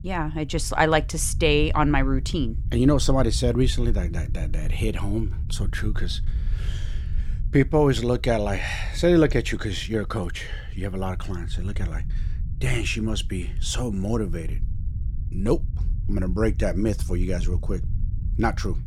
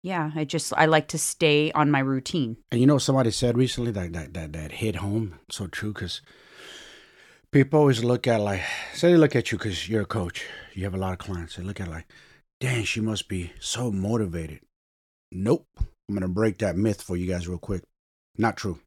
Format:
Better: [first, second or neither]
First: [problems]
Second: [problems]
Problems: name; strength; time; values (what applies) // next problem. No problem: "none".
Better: second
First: low rumble; faint; throughout; 20 dB below the speech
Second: none